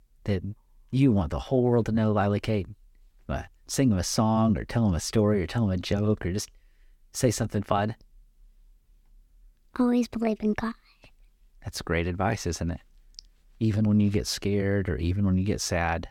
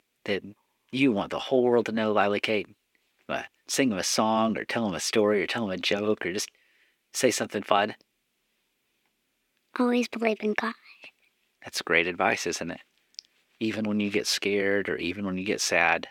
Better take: first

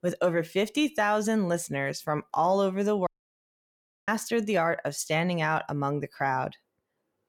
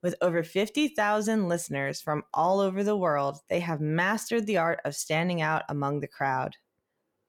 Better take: second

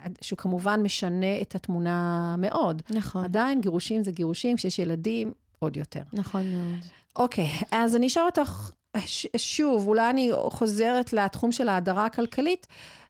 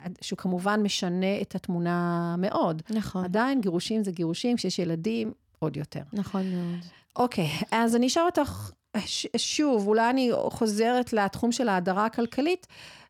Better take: second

